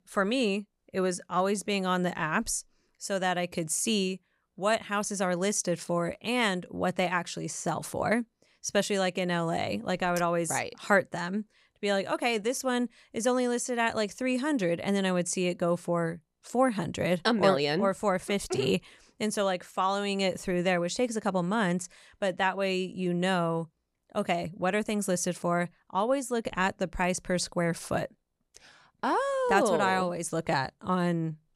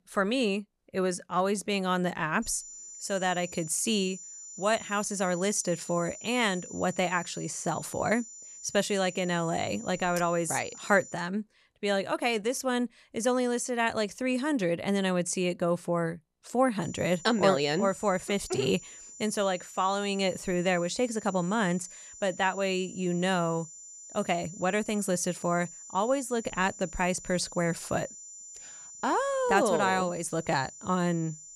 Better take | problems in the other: first | high-pitched whine; noticeable; from 2.5 to 11 s and from 17 s on; 7 kHz, 15 dB below the speech

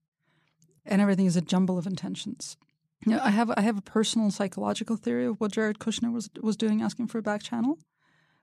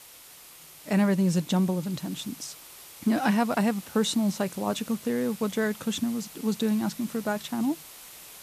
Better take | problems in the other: first | hiss; noticeable; throughout; 15 dB below the speech

